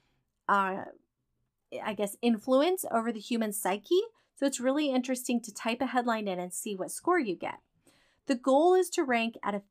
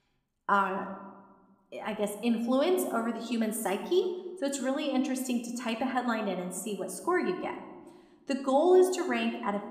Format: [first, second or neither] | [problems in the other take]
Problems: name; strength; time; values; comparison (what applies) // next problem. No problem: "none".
first | room echo; slight; dies away in 0.9 s